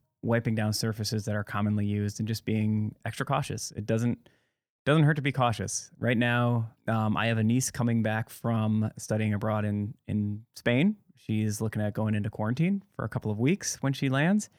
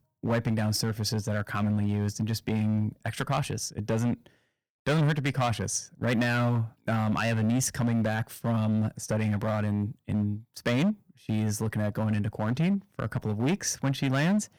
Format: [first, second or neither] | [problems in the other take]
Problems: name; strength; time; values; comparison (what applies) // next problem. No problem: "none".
first | distortion; slight; 10% of the sound clipped